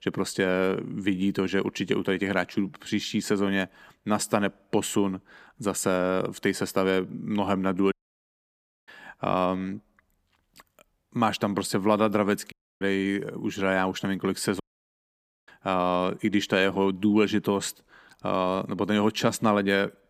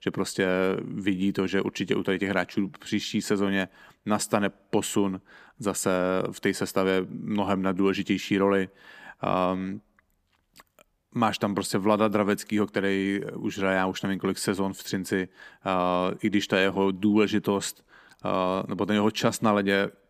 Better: second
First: audio cutting out; at 8 s for 1 s, at 13 s and at 15 s for 1 s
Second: none

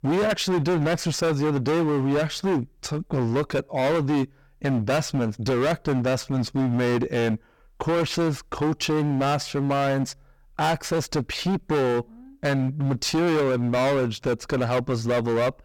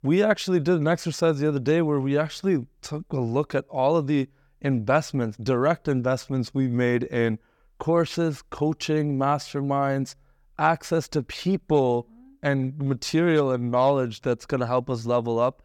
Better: second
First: distortion; heavy; 24% of the sound clipped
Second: none

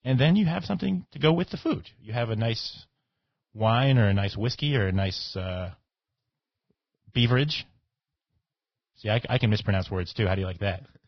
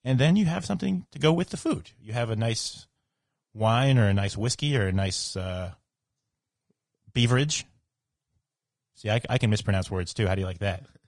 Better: second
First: garbled, watery; badly; nothing above 5.5 kHz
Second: garbled, watery; slightly

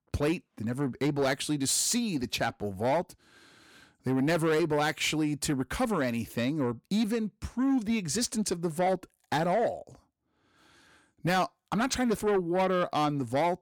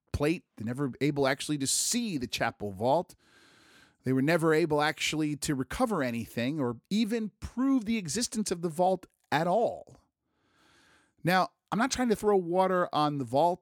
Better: second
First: distortion; slight; 10 dB below the speech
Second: none

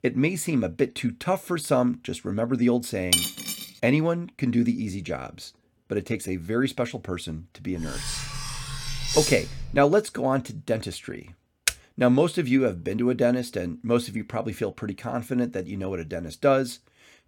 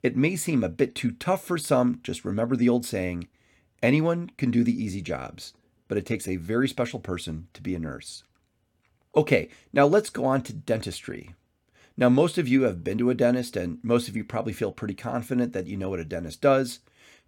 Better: second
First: clattering dishes; loud; at 3 s and from 8 to 10 s; peak 4 dB above the speech // keyboard typing; very faint; at 12 s; peak 1 dB below the speech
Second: none

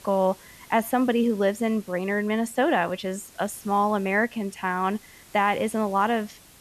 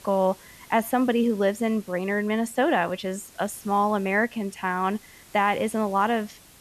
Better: neither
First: hiss; faint; throughout; 25 dB below the speech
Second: hiss; faint; throughout; 25 dB below the speech

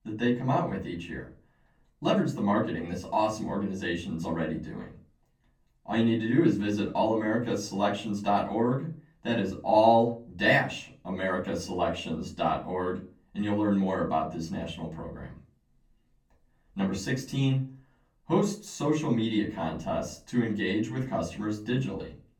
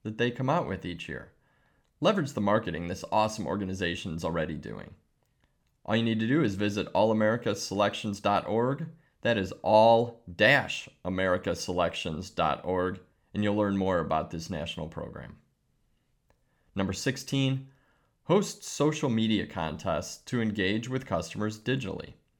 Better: second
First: off-mic speech; far // room echo; very slight; dies away in 0.3 s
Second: none

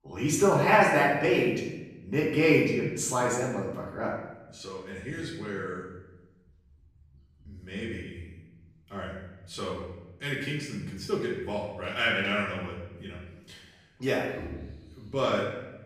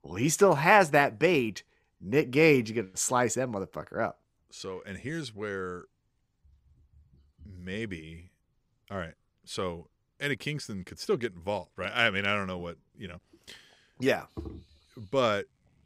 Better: second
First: off-mic speech; far // room echo; noticeable; dies away in 0.9 s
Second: none

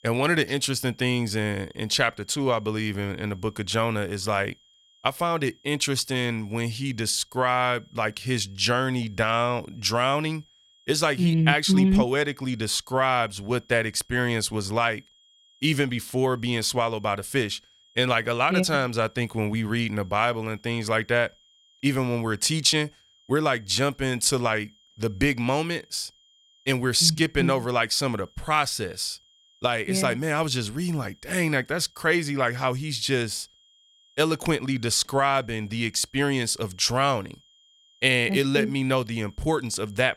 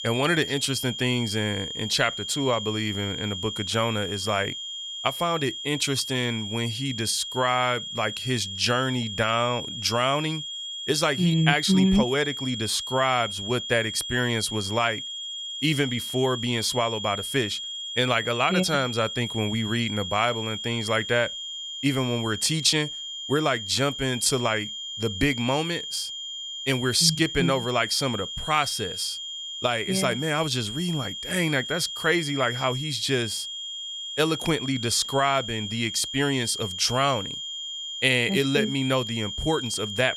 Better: first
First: high-pitched whine; faint; throughout; 3.5 kHz, 30 dB below the speech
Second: high-pitched whine; loud; throughout; 3.5 kHz, 6 dB below the speech

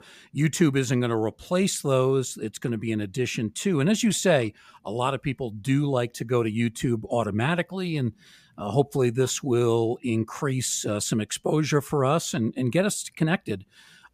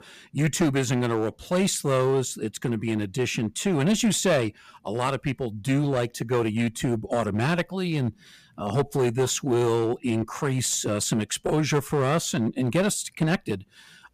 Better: first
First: none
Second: distortion; slight; 7% of the sound clipped

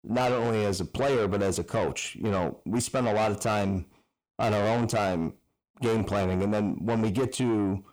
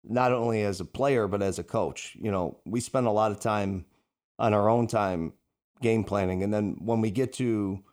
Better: second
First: distortion; heavy; 7 dB below the speech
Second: none

